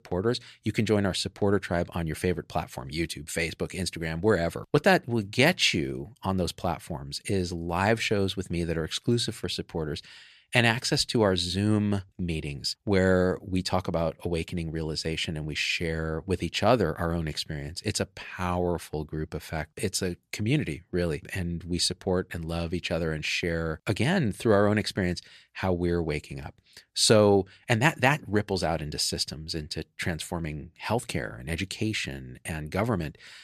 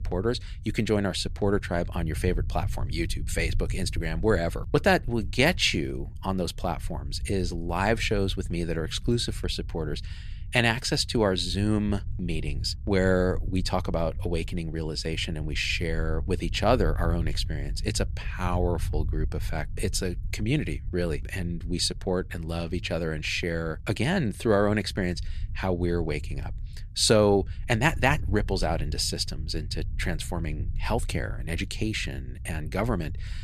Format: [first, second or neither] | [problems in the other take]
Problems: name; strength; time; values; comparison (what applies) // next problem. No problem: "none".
first | low rumble; faint; throughout; 25 dB below the speech